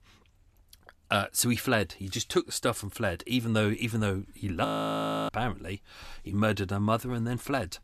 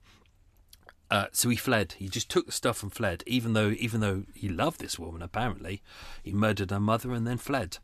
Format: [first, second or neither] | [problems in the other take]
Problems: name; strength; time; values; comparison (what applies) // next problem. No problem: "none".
second | audio freezing; at 4.5 s for 0.5 s